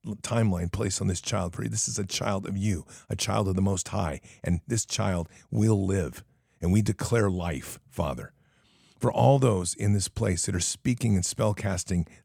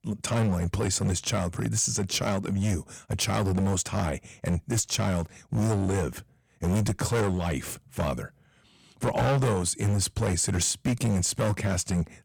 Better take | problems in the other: first | distortion; heavy; 12% of the sound clipped

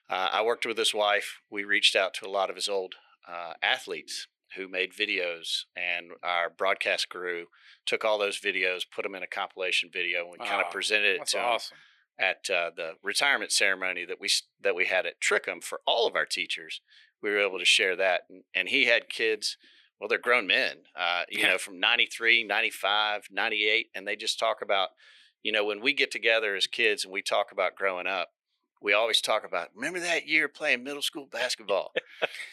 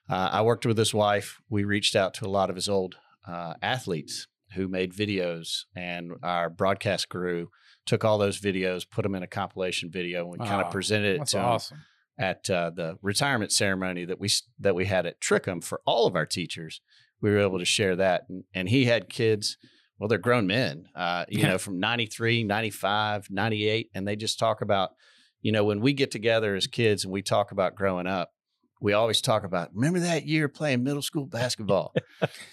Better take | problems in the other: second | thin; very; fading below 400 Hz

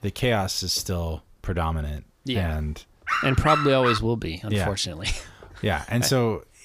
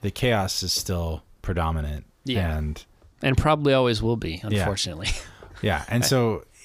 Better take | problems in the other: second | dog barking; loud; at 3 s; peak 1 dB above the speech

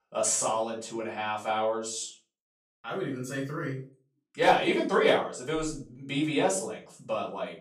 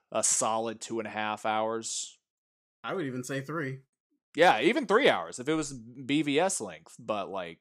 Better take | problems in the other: second | off-mic speech; far // room echo; slight; dies away in 0.3 s

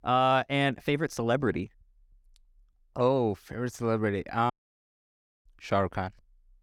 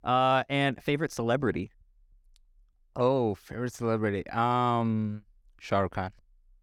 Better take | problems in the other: second | audio cutting out; at 4.5 s for 1 s

